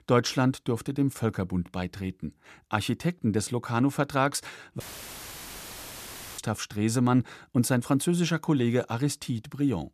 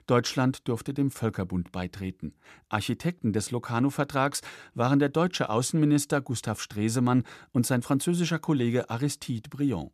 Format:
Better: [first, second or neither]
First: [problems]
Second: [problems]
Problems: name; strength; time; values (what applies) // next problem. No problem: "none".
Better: second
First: audio cutting out; filled with static; at 5 s for 1.5 s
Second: none